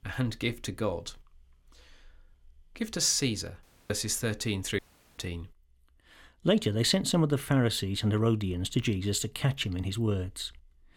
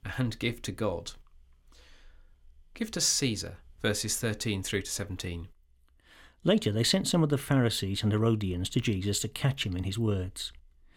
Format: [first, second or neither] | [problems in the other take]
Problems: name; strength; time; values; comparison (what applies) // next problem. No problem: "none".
second | audio cutting out; at 3.5 s and at 5 s